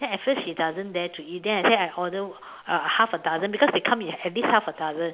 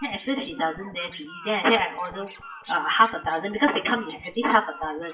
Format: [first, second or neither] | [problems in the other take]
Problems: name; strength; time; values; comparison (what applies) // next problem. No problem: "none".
first | noise reduction (classical method WPE with log-MMSE)